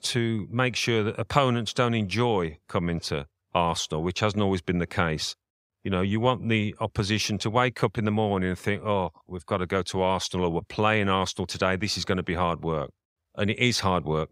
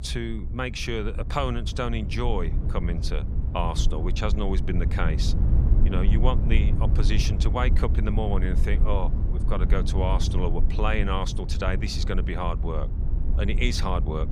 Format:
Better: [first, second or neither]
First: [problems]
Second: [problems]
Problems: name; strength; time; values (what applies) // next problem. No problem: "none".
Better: first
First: none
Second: low rumble; noticeable; throughout; 10 dB below the speech